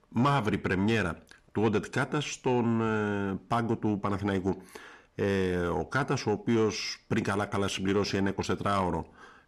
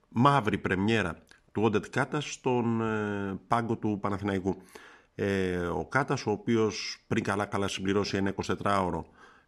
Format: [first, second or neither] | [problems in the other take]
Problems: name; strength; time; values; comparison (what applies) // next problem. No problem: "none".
second | distortion; slight; 10 dB below the speech